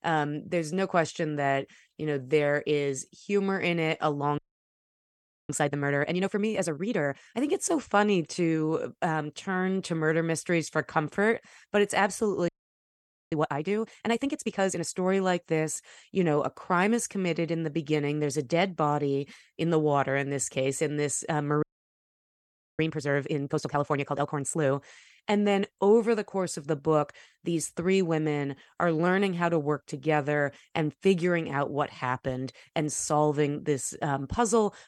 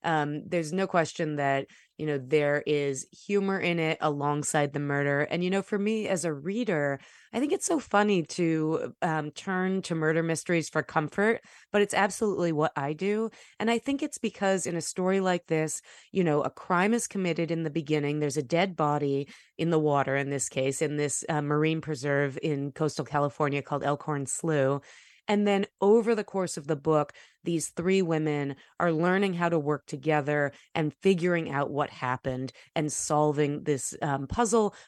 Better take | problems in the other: second | audio freezing; at 4.5 s for 1 s, at 12 s for 1 s and at 22 s for 1 s

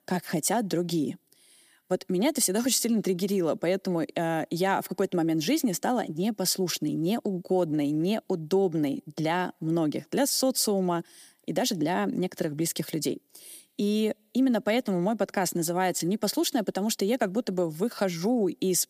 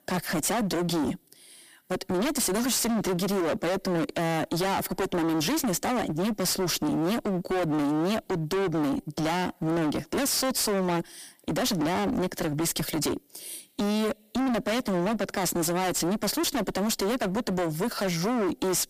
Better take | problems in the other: first | distortion; heavy; 38% of the sound clipped

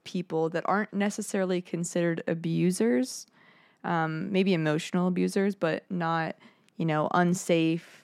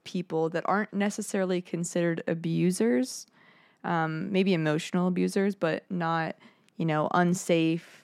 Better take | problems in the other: neither | none

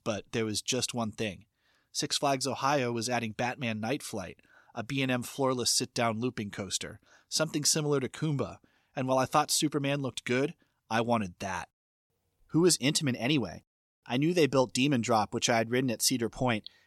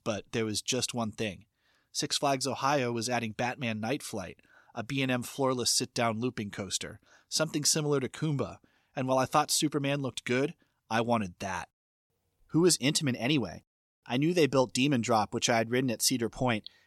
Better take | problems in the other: neither | none

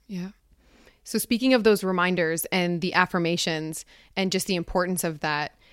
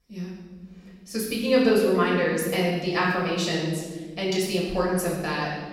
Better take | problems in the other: first | off-mic speech; far // room echo; noticeable; dies away in 1.4 s

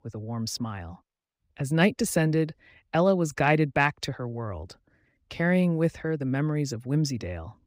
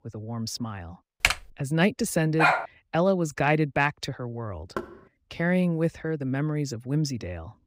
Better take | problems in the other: first | keyboard typing; loud; at 1 s; peak 2 dB above the speech // dog barking; loud; at 2.5 s; peak 4 dB above the speech // door banging; faint; at 5 s; peak 10 dB below the speech

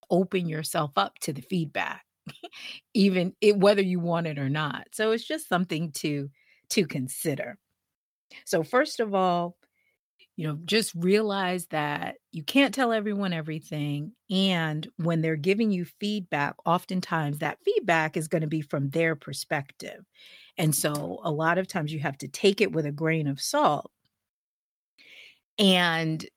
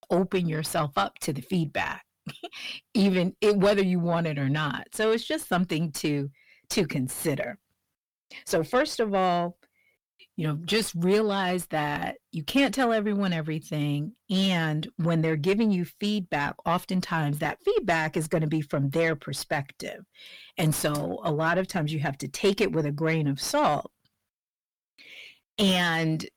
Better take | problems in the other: first | distortion; slight; 9 dB below the speech

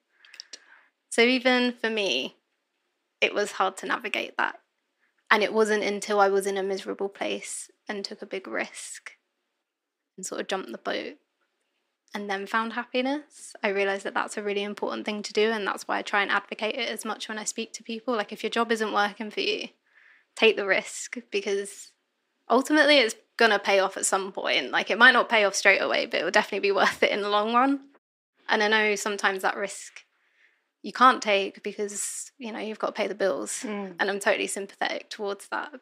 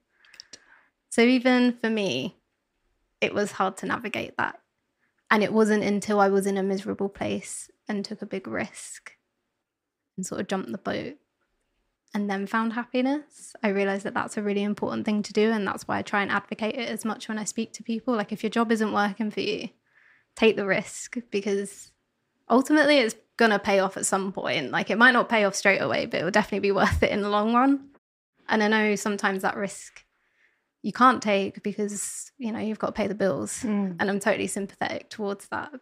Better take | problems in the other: second | thin; very slightly; fading below 300 Hz

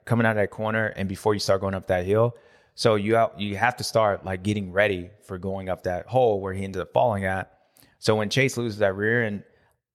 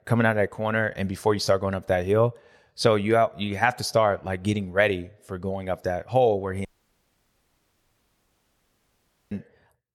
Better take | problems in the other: first | audio cutting out; at 6.5 s for 2.5 s

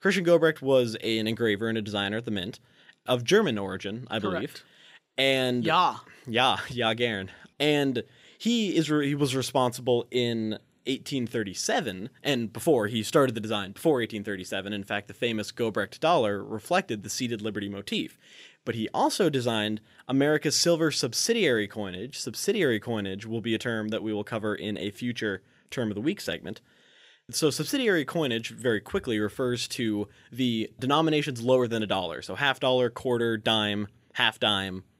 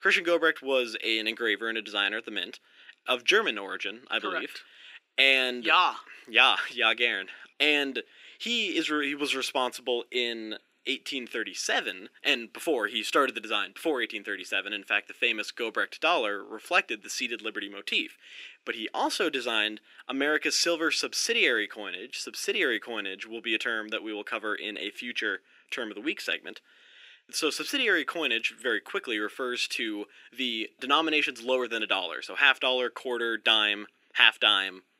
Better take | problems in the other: first | thin; somewhat; fading below 300 Hz

